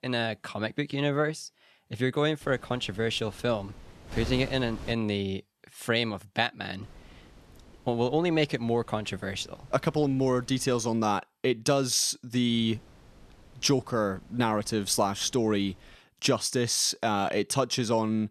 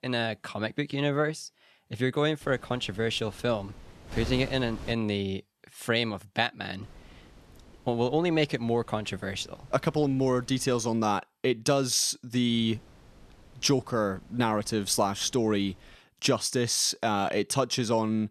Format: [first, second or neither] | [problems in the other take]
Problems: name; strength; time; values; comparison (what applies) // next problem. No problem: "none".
neither | wind noise on the microphone; occasional gusts; from 2.5 to 5 s, from 7 to 11 s and from 13 to 16 s; 25 dB below the speech; the same in both